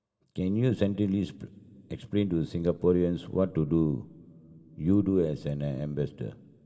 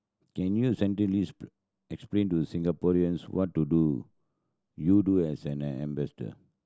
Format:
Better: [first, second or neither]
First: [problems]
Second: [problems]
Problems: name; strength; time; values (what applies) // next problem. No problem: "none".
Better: second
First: room echo; dies away in 2.1 s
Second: none